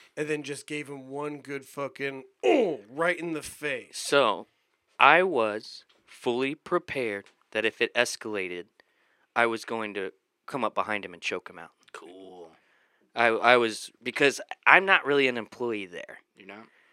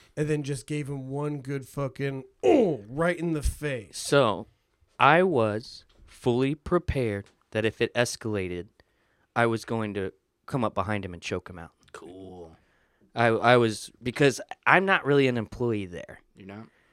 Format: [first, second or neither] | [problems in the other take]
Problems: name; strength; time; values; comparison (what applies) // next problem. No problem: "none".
second | thin; somewhat; fading below 300 Hz